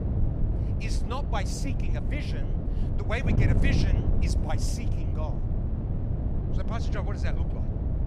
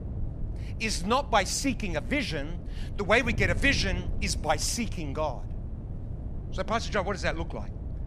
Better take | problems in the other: second | wind noise on the microphone; heavy; 3 dB below the speech; occasional gusts in the second

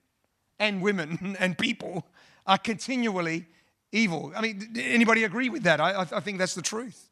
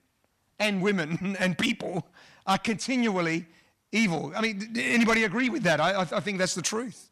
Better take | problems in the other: first | distortion; slight; 10 dB below the speech

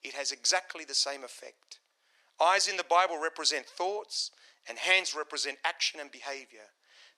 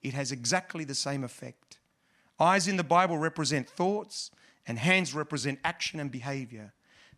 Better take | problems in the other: second | thin; very; fading below 400 Hz

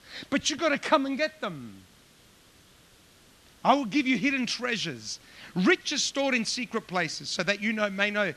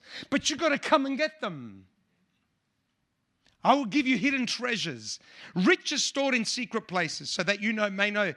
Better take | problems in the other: second | hiss; faint; throughout; 30 dB below the speech

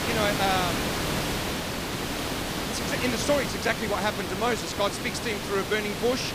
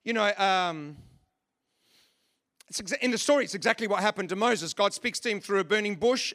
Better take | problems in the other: second | hiss; loud; throughout; 1 dB below the speech

